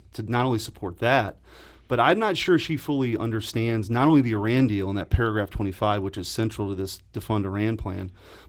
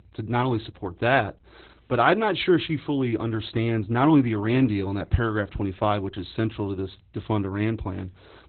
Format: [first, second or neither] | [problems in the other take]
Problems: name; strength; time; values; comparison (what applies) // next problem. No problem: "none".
first | garbled, watery; badly; nothing above 4 kHz; slightly in the first